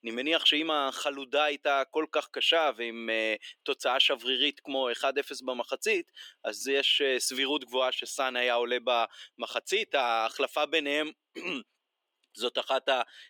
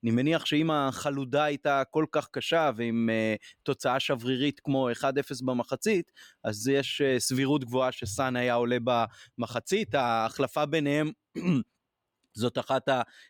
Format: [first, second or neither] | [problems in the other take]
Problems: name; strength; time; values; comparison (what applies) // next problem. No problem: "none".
second | thin; somewhat; fading below 350 Hz